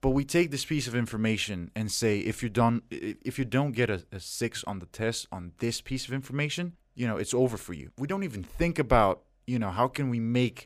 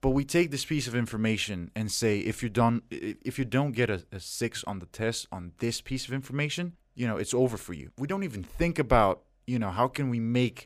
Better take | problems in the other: neither | none

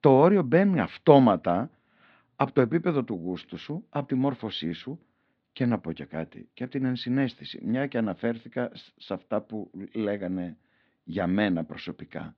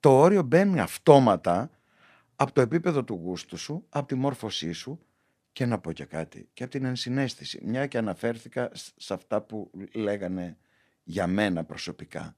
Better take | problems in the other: second | muffled; slightly; fading above 4 kHz

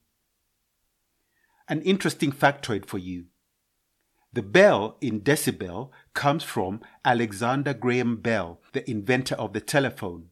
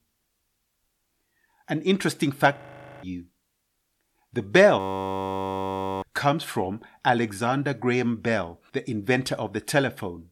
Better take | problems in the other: first | audio freezing; at 2.5 s and at 5 s for 1 s

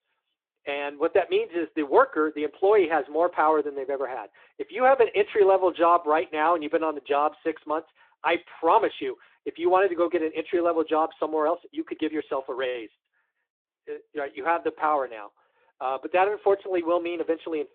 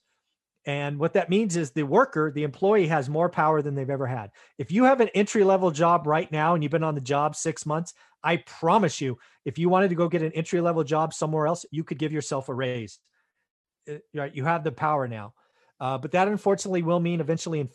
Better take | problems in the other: second | phone-call audio; nothing above 3.5 kHz

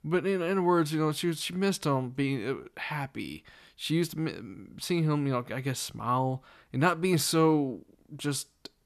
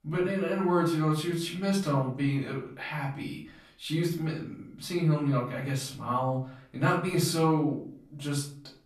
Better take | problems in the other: first | off-mic speech; far // room echo; slight; dies away in 0.4 s

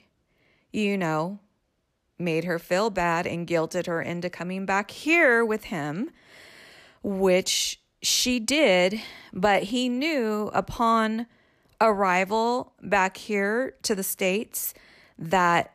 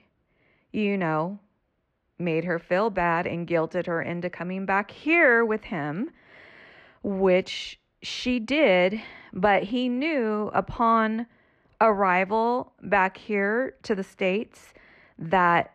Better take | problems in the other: first | muffled; slightly; fading above 2 kHz

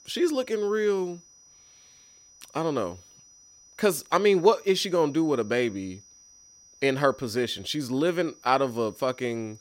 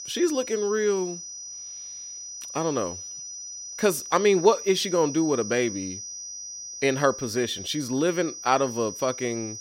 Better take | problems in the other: first | high-pitched whine; loud; throughout; 6 kHz, 10 dB below the speech; faint in the first

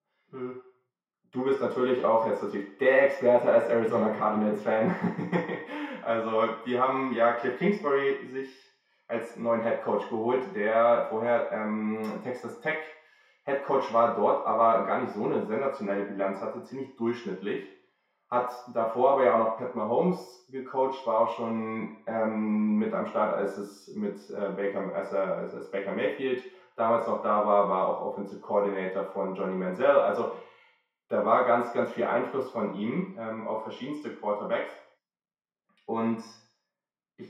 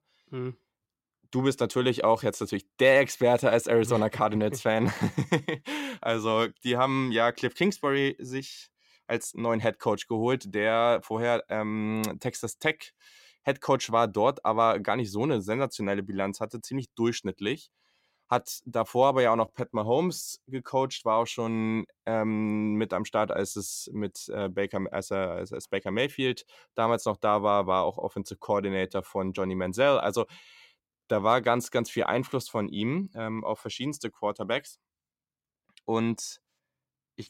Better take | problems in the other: second | room echo; noticeable; dies away in 0.6 s // off-mic speech; far

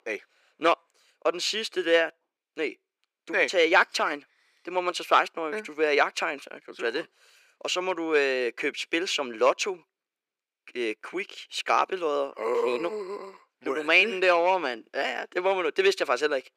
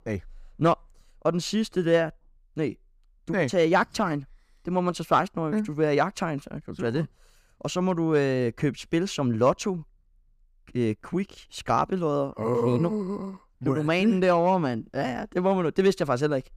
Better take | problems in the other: second | thin; very; fading below 400 Hz

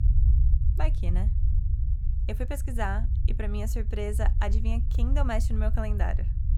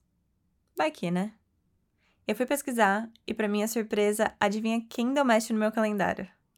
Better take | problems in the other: second | low rumble; noticeable; throughout; 10 dB below the speech

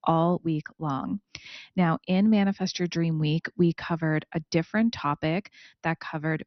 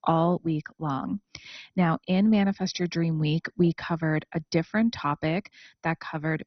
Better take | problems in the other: first | garbled, watery; badly; nothing above 6 kHz; slightly in the first

